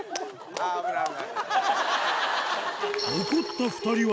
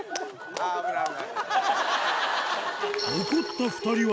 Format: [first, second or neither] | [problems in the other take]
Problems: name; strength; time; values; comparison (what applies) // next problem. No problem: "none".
first | background sound (Harmonica); 18 dB below the speech